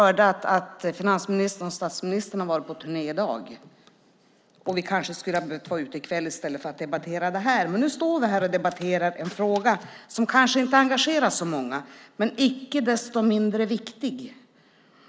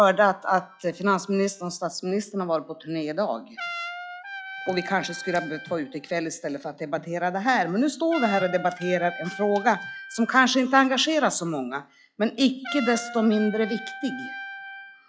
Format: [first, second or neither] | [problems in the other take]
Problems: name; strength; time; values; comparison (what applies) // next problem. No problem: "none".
first | noise reduction (classical method log-MMSE)